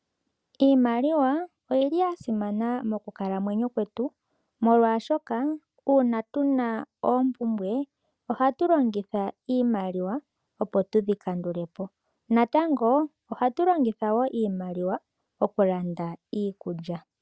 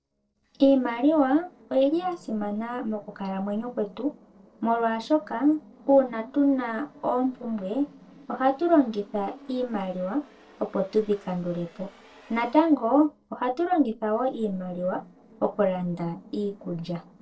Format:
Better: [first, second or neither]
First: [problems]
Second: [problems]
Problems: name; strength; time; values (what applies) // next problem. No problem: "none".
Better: first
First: none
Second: noise reduction (neural separator model SepFormer DNS4)